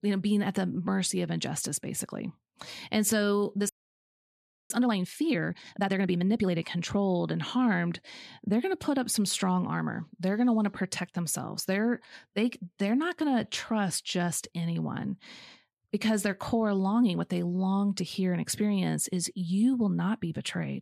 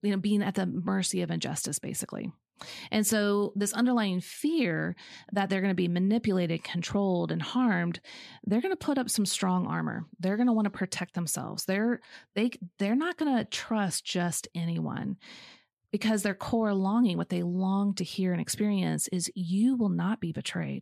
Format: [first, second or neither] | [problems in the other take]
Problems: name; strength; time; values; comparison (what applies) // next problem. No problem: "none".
second | audio freezing; at 3.5 s for 1 s